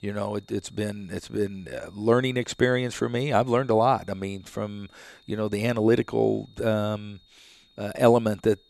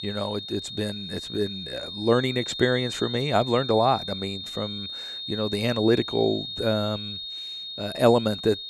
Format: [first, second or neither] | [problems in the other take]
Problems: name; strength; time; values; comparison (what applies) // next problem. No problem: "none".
first | high-pitched whine; loud; throughout; 3.5 kHz, 7 dB below the speech; faint in the first